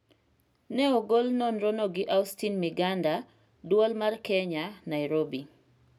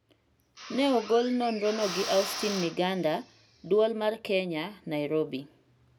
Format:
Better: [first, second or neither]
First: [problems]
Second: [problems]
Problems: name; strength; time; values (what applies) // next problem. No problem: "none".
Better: first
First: none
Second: background sound (Drill); 11 dB below the speech